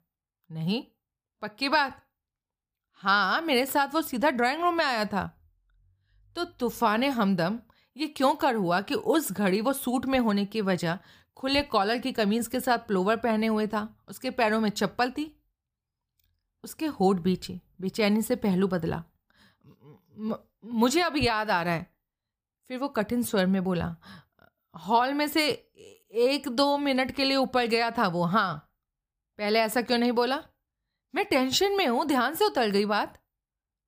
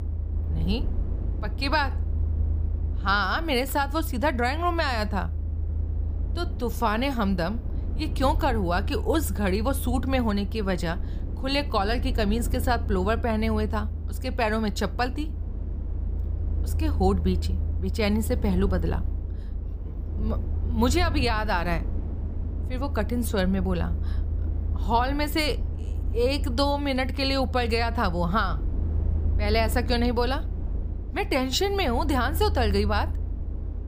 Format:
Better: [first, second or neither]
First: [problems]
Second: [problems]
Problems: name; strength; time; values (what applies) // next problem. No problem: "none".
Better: first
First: none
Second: low rumble; noticeable; throughout; 20 dB below the speech